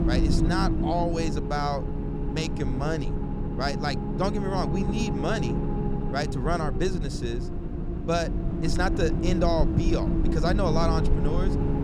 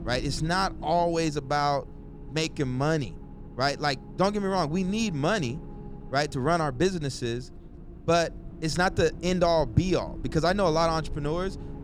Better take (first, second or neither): second